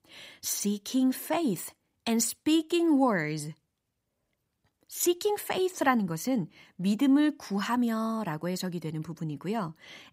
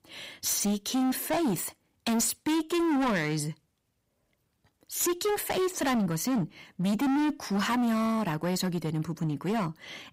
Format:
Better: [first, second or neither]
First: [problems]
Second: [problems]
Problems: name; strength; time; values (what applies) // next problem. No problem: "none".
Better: first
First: none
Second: distortion; heavy; 20% of the sound clipped